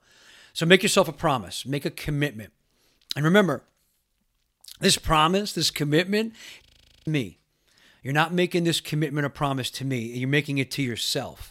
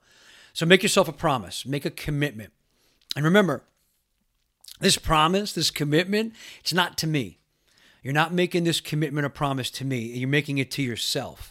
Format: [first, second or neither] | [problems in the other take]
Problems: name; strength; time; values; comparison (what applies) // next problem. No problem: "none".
second | audio freezing; at 6.5 s